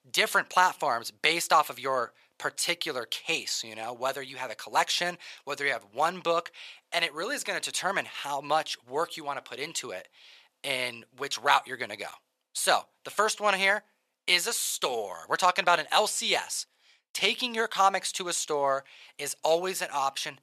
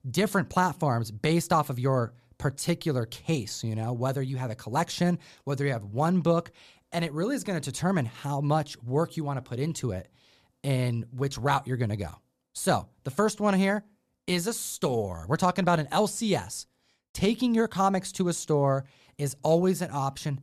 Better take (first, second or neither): second